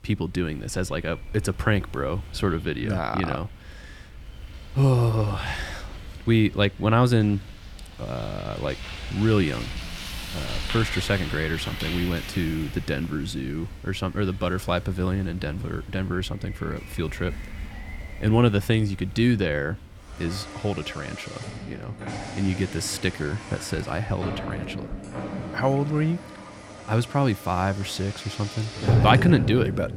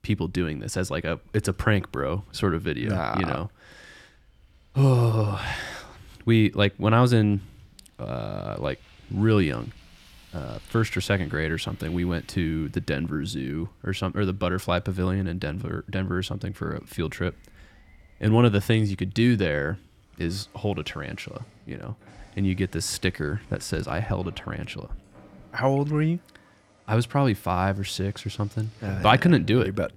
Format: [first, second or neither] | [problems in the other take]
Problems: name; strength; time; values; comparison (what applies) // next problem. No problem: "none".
second | traffic noise; loud; throughout; 9 dB below the speech; faint in the second